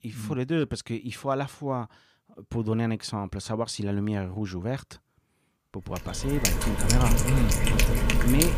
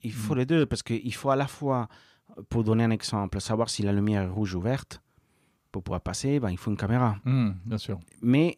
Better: second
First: animal sounds; very loud; from 6.5 s on; 5 dB above the speech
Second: none

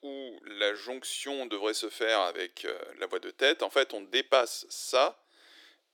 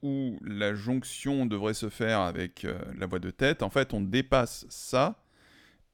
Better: second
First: thin; very; fading below 350 Hz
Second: none

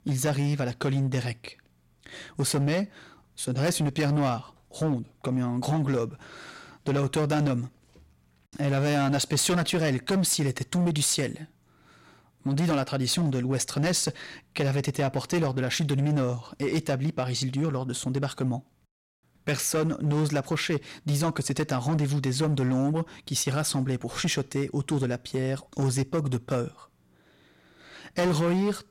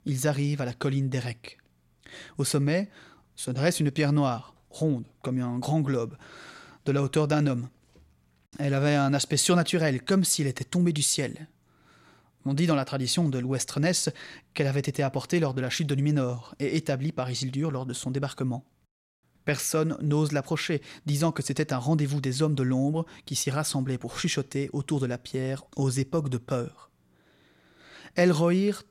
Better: second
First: distortion; slight; 11% of the sound clipped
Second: none

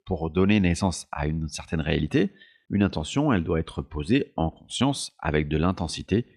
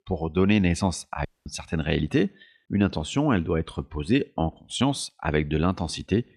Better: first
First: none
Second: audio cutting out; at 1.5 s

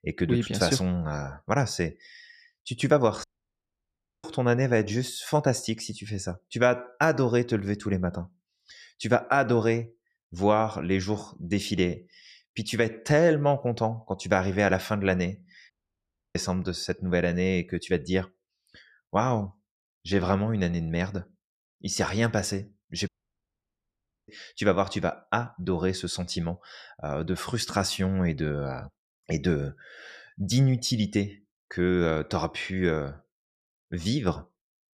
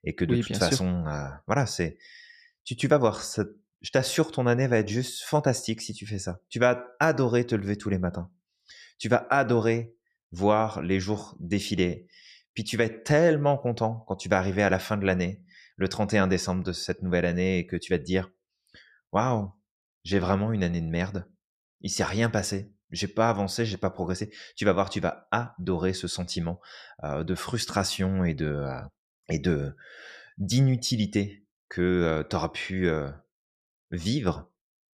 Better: second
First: audio cutting out; at 3 s for 1 s, at 16 s for 0.5 s and at 23 s for 1 s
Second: none

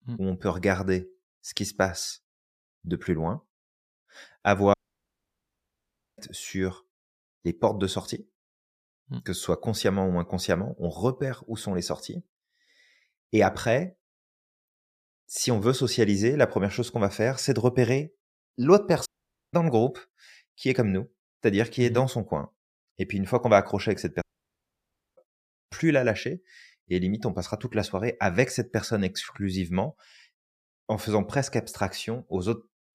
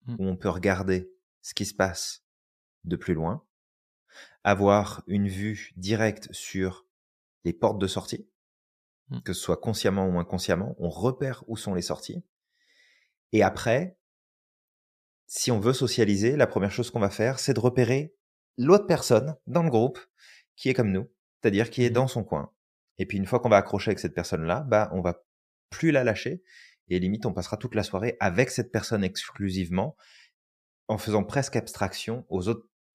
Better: second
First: audio cutting out; at 4.5 s for 1.5 s, at 19 s and at 24 s for 1 s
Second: none

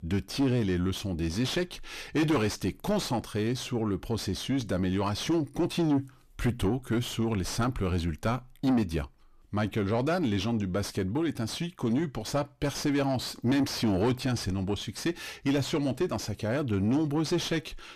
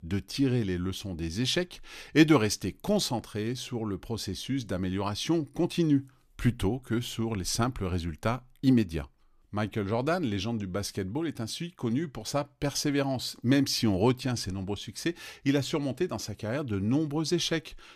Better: second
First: distortion; heavy; 7 dB below the speech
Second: none

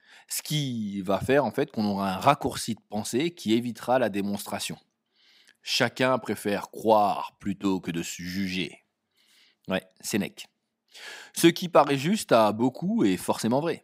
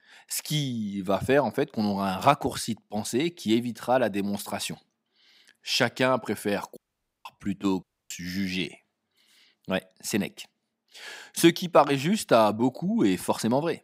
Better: first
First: none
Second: audio cutting out; at 7 s and at 8 s

